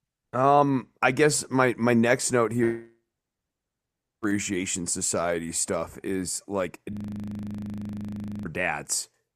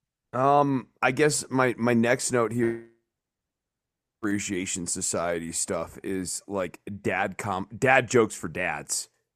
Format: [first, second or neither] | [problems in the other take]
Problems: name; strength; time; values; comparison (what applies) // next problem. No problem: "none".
second | audio freezing; at 7 s for 1.5 s